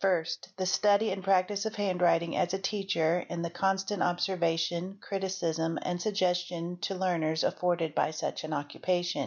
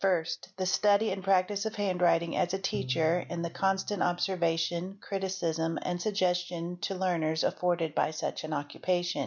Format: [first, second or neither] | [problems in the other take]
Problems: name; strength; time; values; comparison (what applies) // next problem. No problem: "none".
first | background sound (Bowed string instrument); 18 dB below the speech